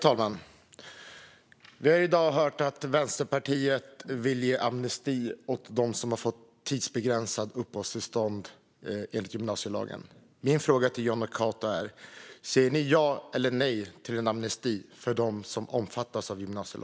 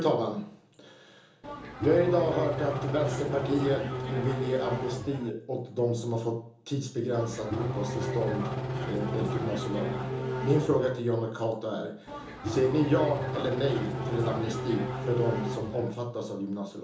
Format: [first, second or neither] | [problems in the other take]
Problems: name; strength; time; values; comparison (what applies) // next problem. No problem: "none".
first | background sound (Race car, auto racing / Engine starting); 3 dB below the speech // room echo; dies away in 1.2 s